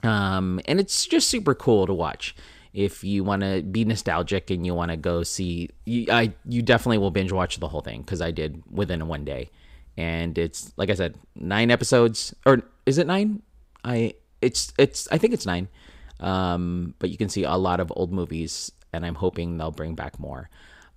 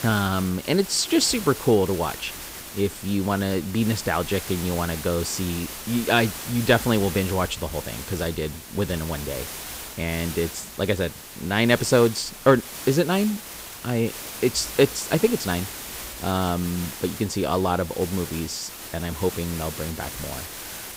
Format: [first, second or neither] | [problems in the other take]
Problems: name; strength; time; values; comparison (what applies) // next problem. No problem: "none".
first | hiss; loud; throughout; 10 dB below the speech